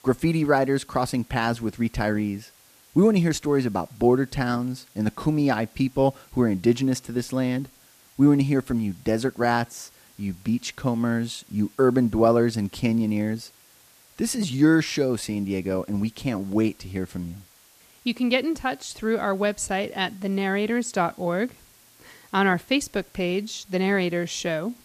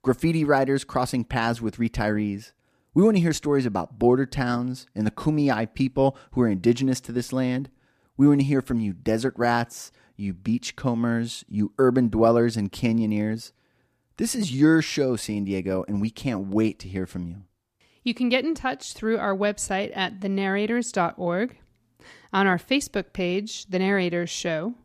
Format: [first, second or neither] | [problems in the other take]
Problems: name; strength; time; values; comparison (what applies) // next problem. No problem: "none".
second | hiss; faint; throughout; 30 dB below the speech